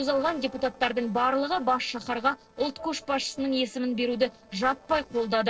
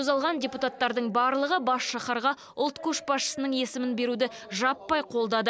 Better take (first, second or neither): second